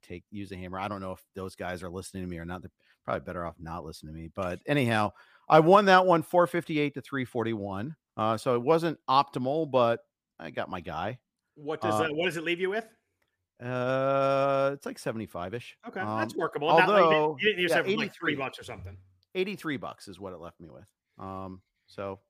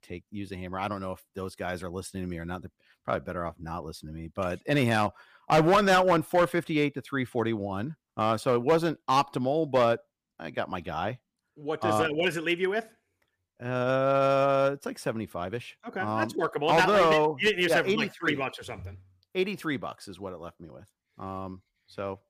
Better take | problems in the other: first | distortion; slight; 2% of the sound clipped

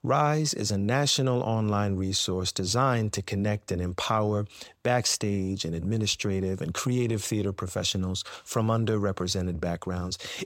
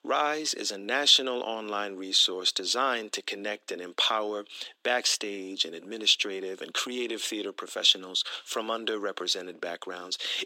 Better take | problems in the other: first | thin; somewhat; fading below 250 Hz

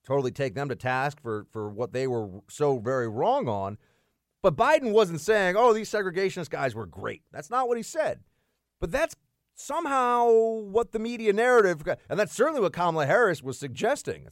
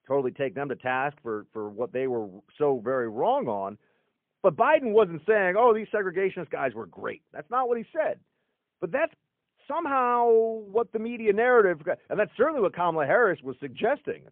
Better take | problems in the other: first | phone-call audio; poor line

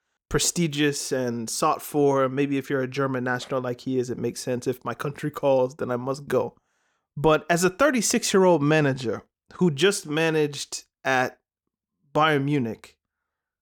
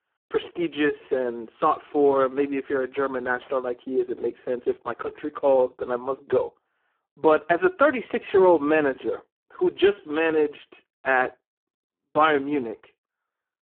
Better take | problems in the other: first | phone-call audio; poor line

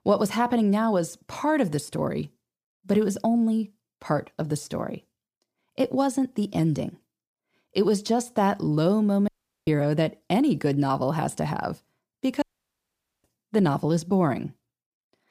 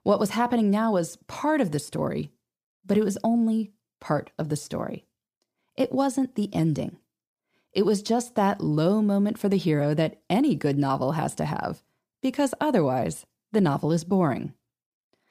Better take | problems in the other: second | audio cutting out; at 9.5 s and at 12 s for 1 s

